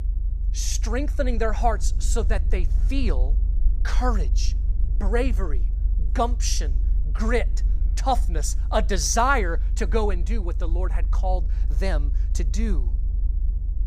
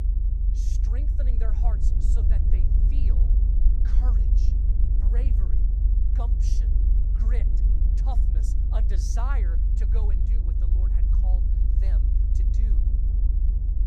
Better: first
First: low rumble; faint; throughout; 20 dB below the speech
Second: low rumble; loud; throughout; as loud as the speech

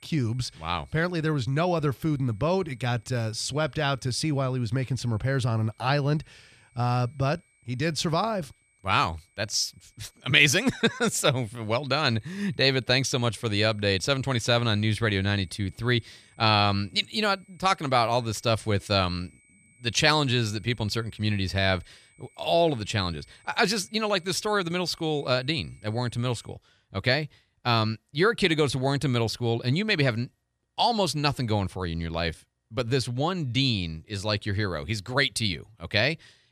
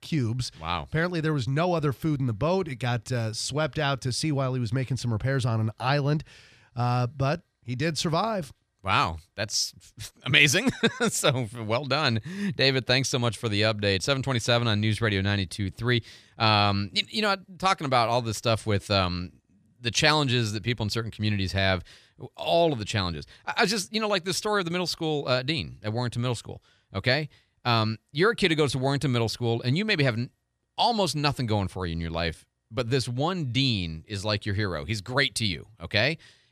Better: second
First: high-pitched whine; faint; until 27 s; 2 kHz, 35 dB below the speech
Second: none

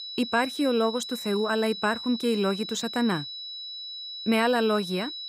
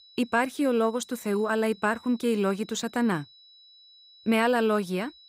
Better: second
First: high-pitched whine; loud; throughout; 4 kHz, 8 dB below the speech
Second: high-pitched whine; faint; throughout; 4 kHz, 25 dB below the speech

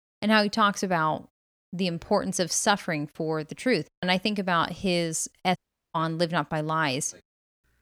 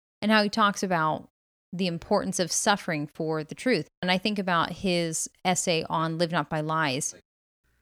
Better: second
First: audio cutting out; at 5.5 s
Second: none

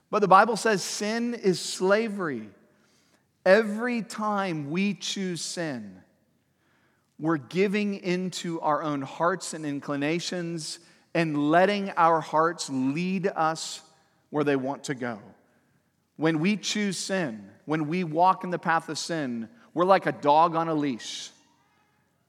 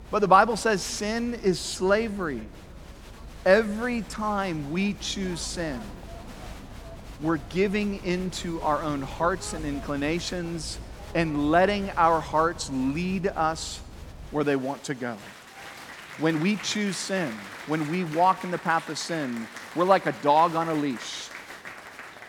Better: first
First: none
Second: crowd noise; noticeable; throughout; 15 dB below the speech

